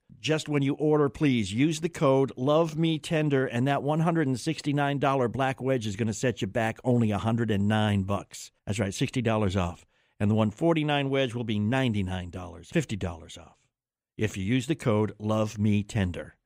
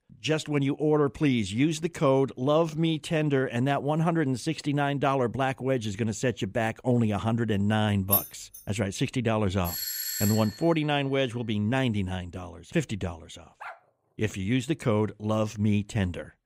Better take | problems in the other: first | jangling keys; loud; at 8 s; peak 2 dB above the speech // doorbell; noticeable; at 9.5 s; peak 2 dB below the speech // dog barking; faint; at 14 s; peak 15 dB below the speech

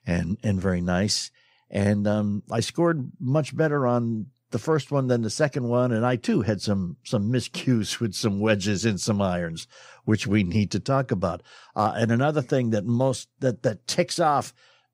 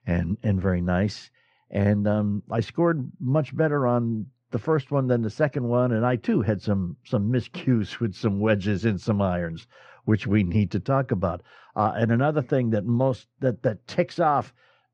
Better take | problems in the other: first | muffled; slightly; fading above 2.5 kHz

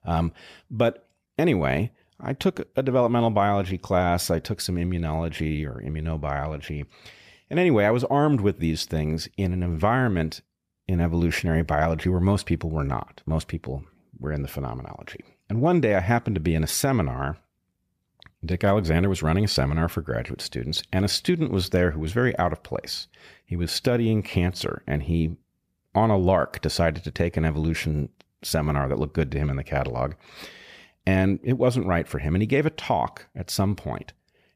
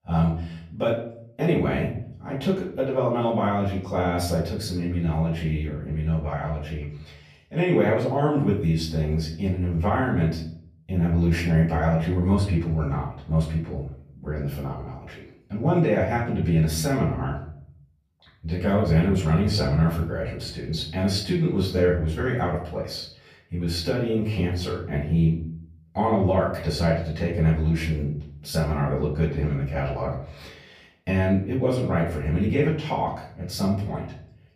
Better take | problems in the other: first | room echo; noticeable; dies away in 0.6 s // off-mic speech; far

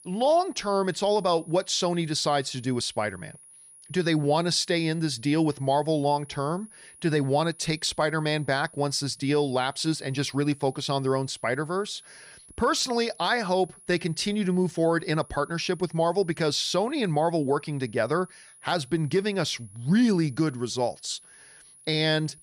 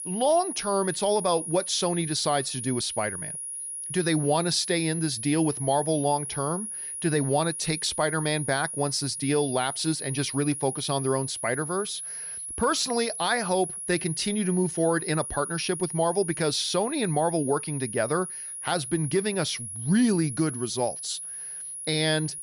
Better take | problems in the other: first | high-pitched whine; loud; throughout; 10.5 kHz, 6 dB below the speech; faint in the first

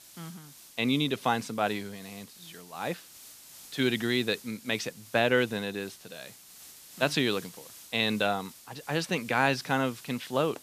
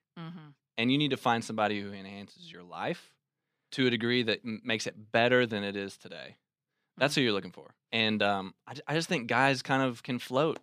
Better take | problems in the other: second | hiss; noticeable; throughout; 20 dB below the speech

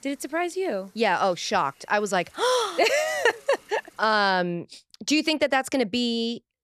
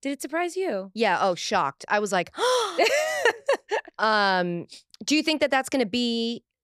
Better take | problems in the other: second | hiss; faint; until 4 s; 30 dB below the speech

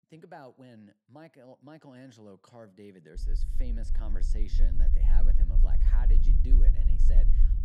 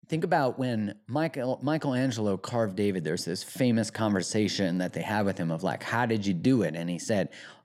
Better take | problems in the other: second | low rumble; loud; from 3 s on; 2 dB below the speech

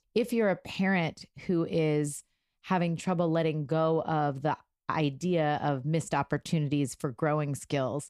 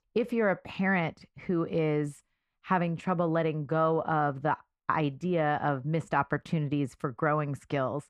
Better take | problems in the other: first | muffled; slightly; fading above 3.5 kHz

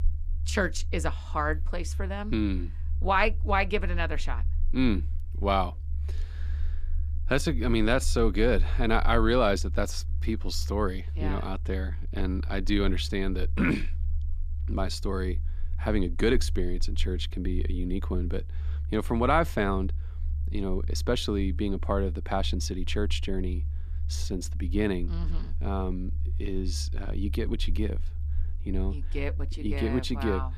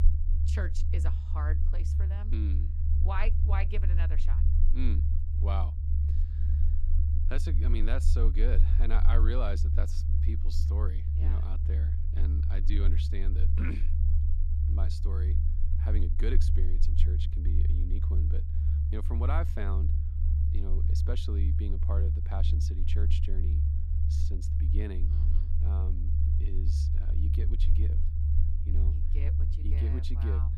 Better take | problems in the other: first | low rumble; loud; throughout; 3 dB below the speech; faint in the first

